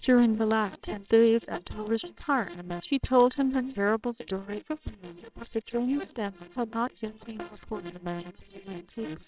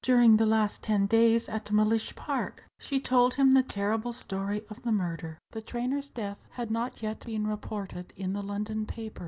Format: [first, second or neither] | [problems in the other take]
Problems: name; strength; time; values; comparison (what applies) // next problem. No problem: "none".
second | noise reduction (neural separator model SepFormer WHAMR!)